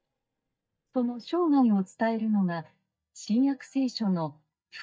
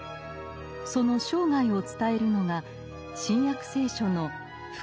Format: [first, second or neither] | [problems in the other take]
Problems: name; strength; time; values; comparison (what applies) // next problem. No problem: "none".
second | noise reduction (neural mask model DeepFilterNet 3)